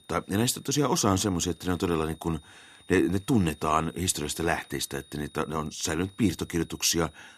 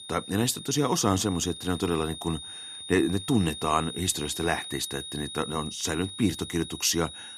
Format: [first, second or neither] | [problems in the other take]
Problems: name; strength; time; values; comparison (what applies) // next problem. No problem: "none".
first | high-pitched whine; loud; throughout; 3.5 kHz, 10 dB below the speech; faint in the first